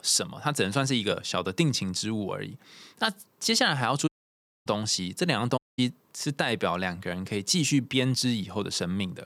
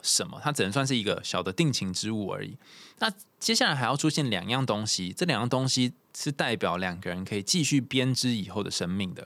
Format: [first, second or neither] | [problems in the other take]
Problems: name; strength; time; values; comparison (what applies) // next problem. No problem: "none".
second | audio cutting out; at 4 s for 0.5 s and at 5.5 s